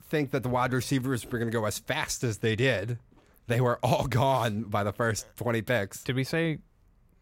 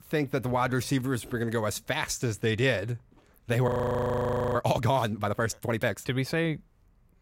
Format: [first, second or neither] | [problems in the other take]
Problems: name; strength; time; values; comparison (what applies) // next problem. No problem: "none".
first | audio freezing; at 3.5 s for 1 s